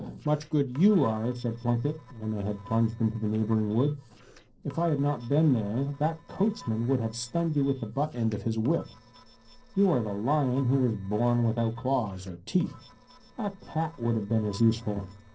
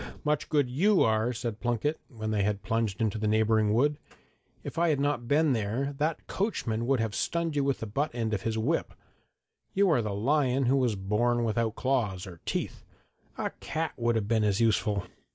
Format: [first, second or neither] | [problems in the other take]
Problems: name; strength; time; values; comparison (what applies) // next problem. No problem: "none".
second | noise reduction (neural separator model SepFormer DNS4)